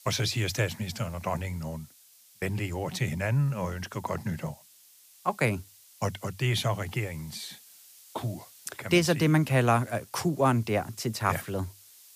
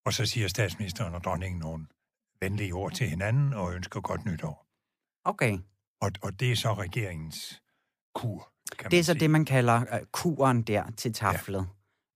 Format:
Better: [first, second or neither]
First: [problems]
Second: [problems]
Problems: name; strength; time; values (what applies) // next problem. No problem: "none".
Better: second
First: hiss; faint; throughout; 25 dB below the speech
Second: none